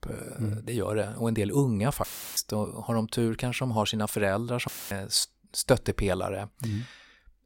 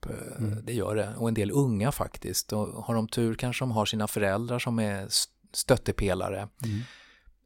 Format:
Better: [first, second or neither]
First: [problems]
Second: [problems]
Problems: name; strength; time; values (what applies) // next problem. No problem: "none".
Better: second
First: audio cutting out; filled with static; at 2 s and at 4.5 s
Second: none